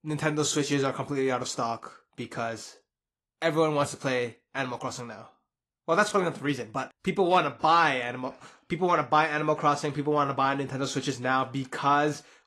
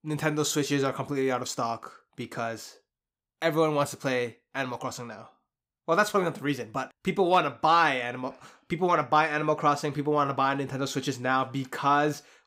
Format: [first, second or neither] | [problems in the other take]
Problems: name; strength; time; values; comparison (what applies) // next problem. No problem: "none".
second | garbled, watery; slightly; nothing above 11 kHz